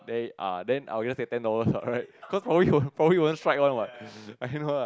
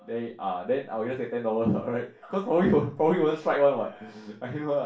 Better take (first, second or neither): first